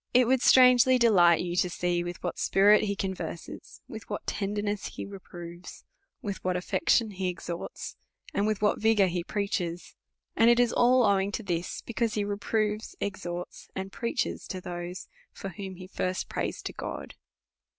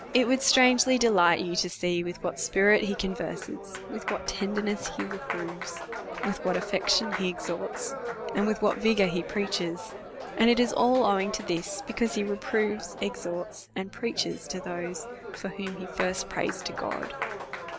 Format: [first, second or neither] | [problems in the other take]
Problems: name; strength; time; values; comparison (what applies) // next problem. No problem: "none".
first | background sound (Applause); 9 dB below the speech